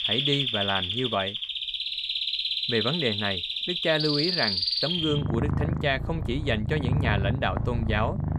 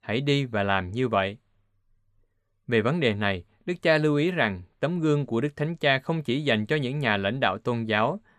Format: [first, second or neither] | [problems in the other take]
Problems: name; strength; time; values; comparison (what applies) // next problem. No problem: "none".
second | animal sounds; very loud; throughout; 2 dB above the speech